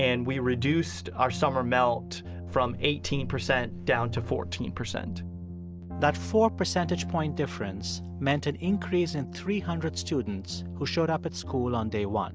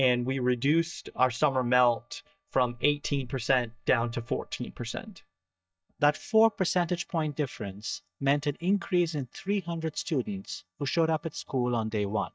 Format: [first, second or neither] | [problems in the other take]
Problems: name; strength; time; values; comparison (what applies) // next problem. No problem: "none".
first | noise reduction (neural mask model DeepFilterNet 3)